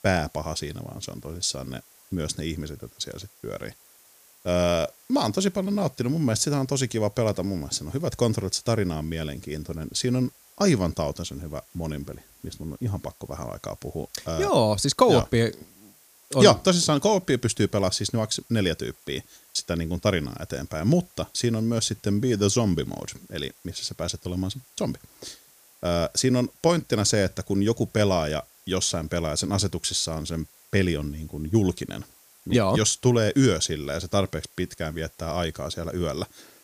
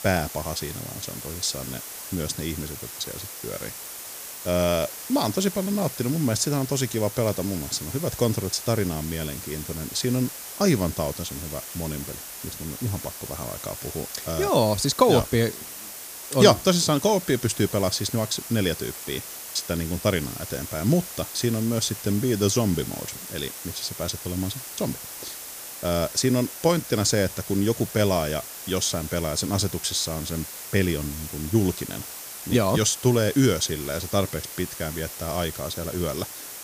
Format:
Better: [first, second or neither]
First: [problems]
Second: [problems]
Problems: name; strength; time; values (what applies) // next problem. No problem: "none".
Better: first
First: hiss; faint; throughout; 25 dB below the speech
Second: hiss; loud; throughout; 9 dB below the speech